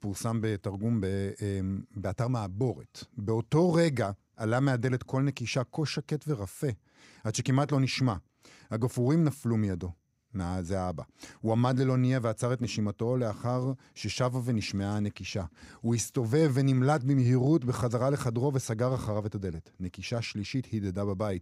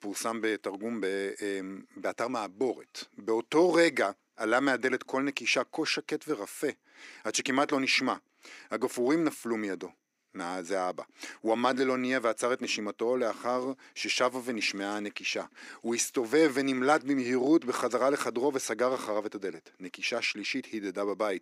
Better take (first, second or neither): first